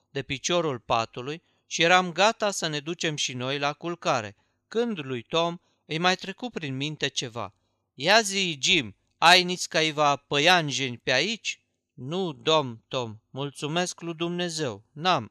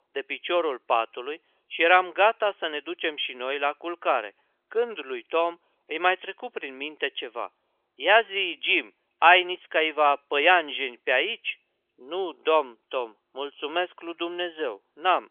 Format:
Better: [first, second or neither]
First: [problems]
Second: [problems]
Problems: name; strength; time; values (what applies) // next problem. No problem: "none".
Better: first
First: none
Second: phone-call audio; nothing above 3.5 kHz